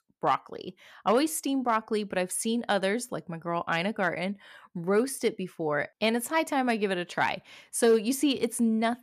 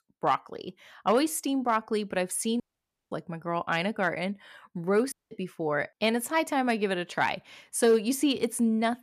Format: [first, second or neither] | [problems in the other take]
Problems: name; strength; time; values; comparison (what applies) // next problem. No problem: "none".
first | audio cutting out; at 2.5 s for 0.5 s and at 5 s